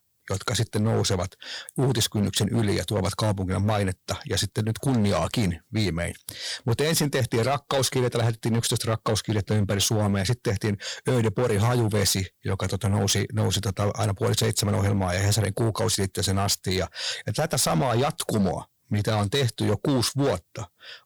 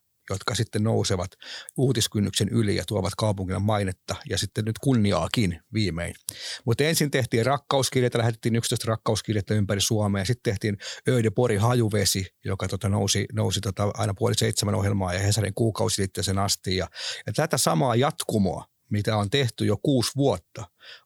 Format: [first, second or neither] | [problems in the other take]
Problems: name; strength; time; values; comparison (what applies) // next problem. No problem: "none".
second | distortion; slight; 11% of the sound clipped